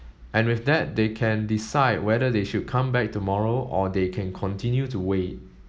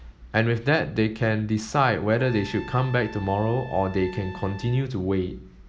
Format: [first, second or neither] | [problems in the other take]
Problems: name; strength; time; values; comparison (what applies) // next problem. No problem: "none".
first | background sound (Trumpet); 18 dB below the speech